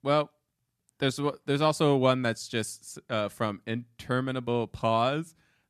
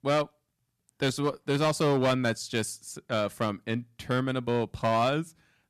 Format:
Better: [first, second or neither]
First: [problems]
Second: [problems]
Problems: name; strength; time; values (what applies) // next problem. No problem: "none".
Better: first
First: none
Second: distortion; slight; 6% of the sound clipped